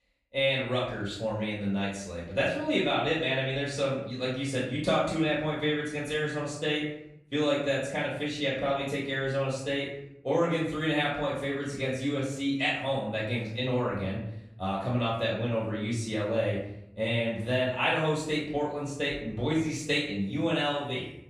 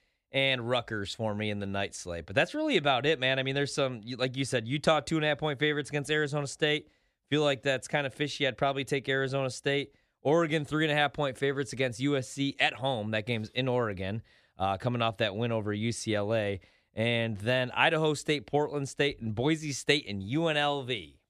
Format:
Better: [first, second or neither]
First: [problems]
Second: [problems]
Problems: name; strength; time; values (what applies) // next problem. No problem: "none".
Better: second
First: off-mic speech; far // room echo; noticeable; dies away in 0.7 s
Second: none